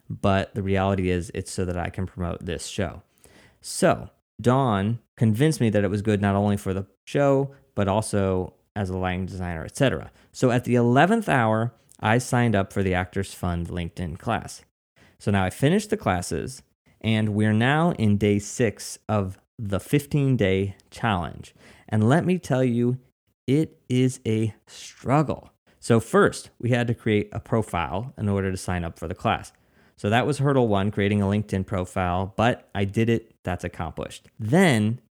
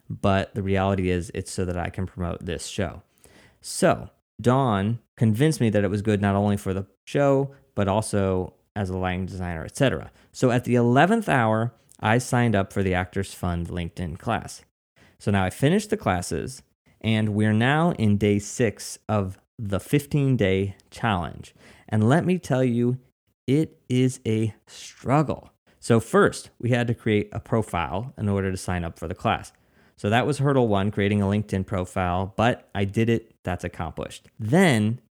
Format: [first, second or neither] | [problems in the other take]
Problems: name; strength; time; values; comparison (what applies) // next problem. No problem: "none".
neither | none